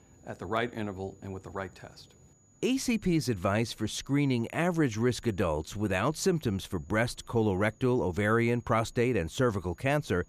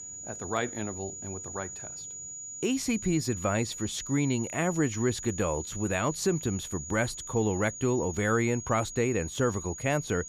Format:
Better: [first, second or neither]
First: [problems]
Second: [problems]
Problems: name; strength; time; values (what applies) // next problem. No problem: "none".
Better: first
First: high-pitched whine; faint; throughout; 7 kHz, 35 dB below the speech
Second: high-pitched whine; loud; throughout; 7 kHz, 8 dB below the speech